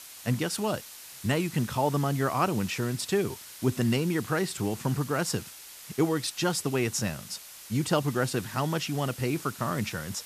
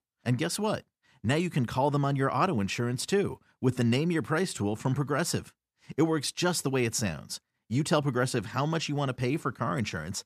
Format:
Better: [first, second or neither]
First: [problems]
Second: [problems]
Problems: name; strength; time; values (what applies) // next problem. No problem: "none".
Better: second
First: hiss; noticeable; throughout; 15 dB below the speech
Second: none